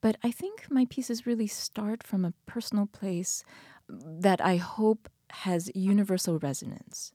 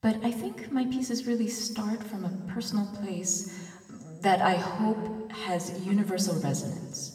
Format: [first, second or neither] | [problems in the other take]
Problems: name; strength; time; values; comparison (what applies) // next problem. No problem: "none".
first | room echo; slight; dies away in 1.5 s // off-mic speech; somewhat distant